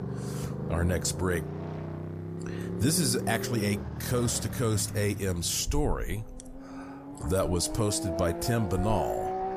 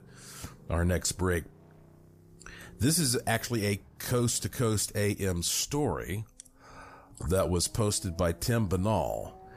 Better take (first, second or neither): second